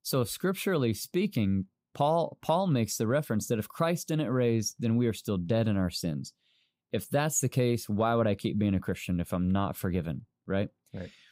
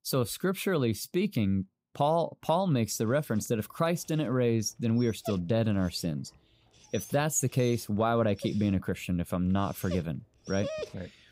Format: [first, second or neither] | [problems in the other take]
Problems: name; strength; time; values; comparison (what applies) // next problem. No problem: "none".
first | dog barking; noticeable; from 5 s on; peak 8 dB below the speech